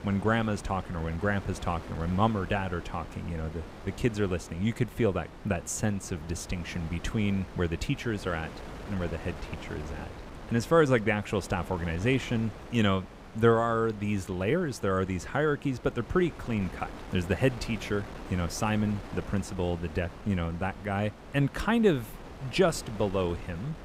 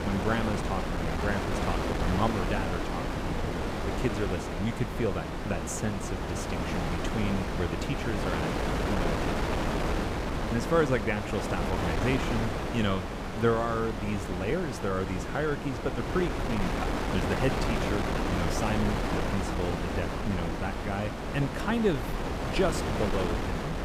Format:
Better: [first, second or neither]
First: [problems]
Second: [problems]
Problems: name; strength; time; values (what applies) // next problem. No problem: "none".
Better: first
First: wind noise on the microphone; occasional gusts; 15 dB below the speech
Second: wind noise on the microphone; heavy; 1 dB above the speech